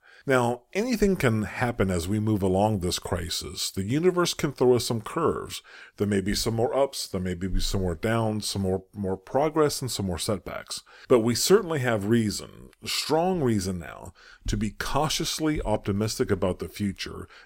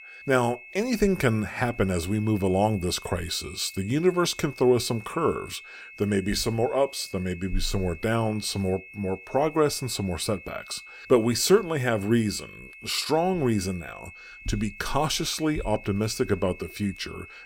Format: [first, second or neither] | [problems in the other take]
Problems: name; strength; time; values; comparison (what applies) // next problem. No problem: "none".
first | high-pitched whine; noticeable; throughout; 2.5 kHz, 15 dB below the speech